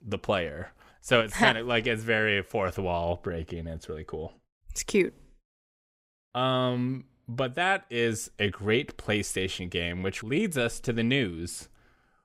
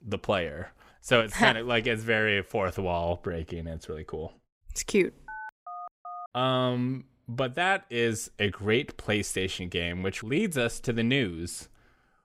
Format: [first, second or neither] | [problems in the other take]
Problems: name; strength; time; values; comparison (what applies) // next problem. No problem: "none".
first | phone ringing; faint; at 5.5 s; peak 15 dB below the speech